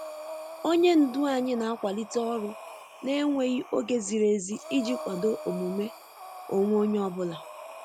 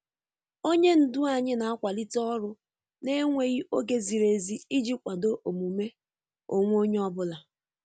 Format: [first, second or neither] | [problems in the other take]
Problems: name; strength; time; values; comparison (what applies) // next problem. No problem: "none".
second | background sound (Breathing); 14 dB below the speech